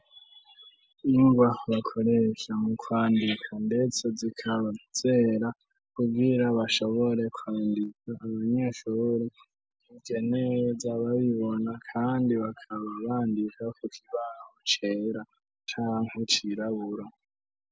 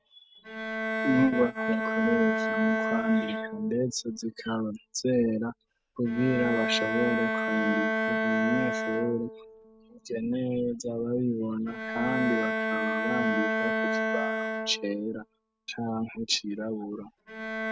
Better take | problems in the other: first | noise reduction (neural mask model RNNoise)

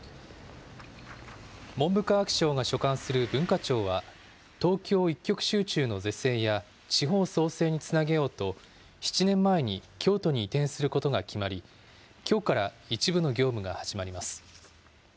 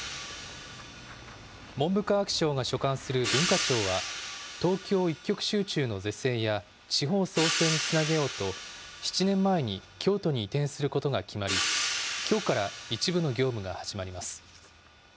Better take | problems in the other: first | background sound (Hi-hat); 7 dB below the speech

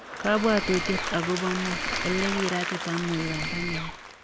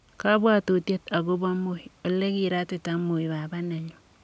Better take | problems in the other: second | background sound (Mechanisms + Applause / Crowd); 3 dB below the speech

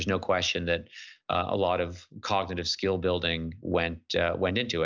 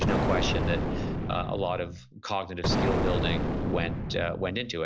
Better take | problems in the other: first | background sound (Explosion); 3 dB above the speech

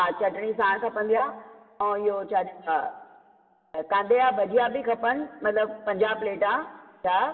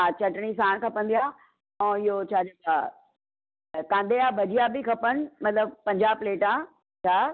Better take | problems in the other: second | room echo; dies away in 2.1 s

